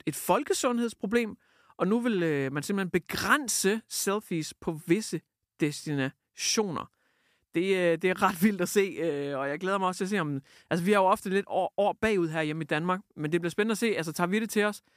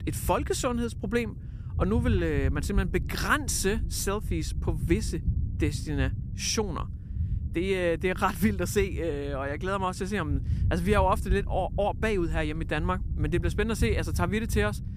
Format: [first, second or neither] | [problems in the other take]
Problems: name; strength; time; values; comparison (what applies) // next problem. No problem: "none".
first | low rumble; noticeable; throughout; 20 dB below the speech